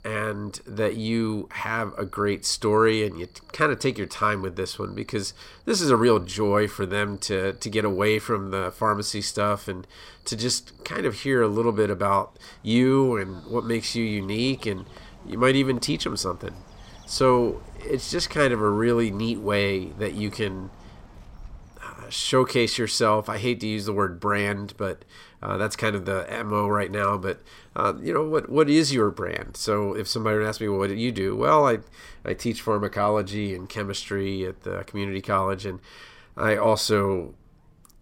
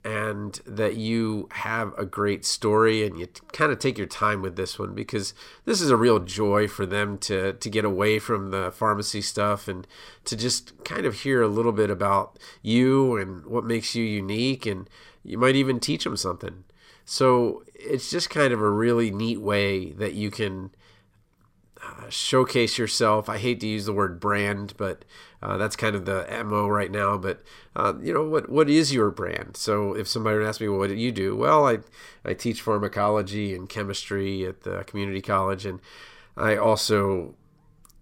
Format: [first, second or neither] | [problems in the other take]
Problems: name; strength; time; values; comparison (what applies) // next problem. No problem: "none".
second | animal sounds; faint; throughout; 30 dB below the speech